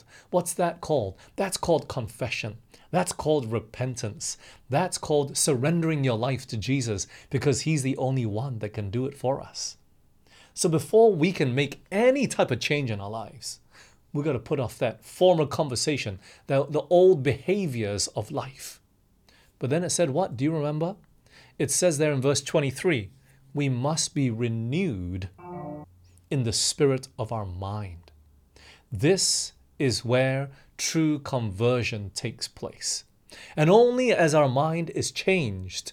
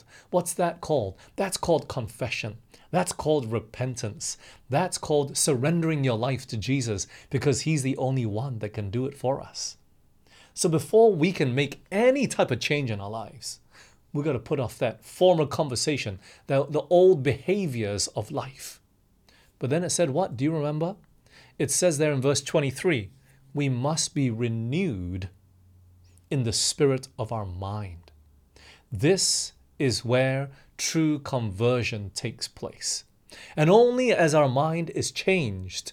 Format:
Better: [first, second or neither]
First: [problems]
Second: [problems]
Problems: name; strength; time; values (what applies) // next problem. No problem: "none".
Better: second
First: phone ringing; faint; at 25 s; peak 10 dB below the speech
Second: none